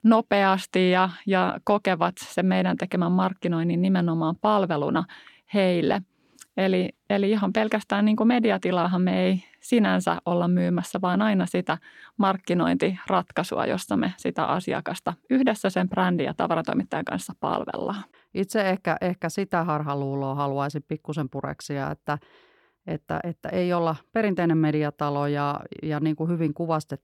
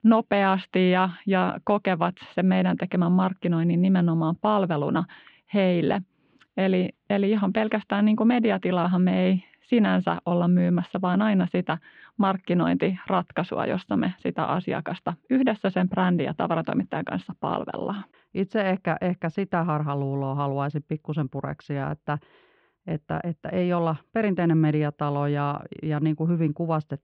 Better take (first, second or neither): first